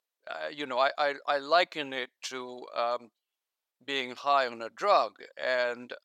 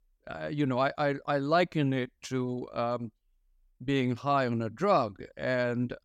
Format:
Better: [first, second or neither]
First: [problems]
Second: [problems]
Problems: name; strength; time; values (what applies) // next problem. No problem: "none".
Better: second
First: thin; very; fading below 700 Hz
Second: none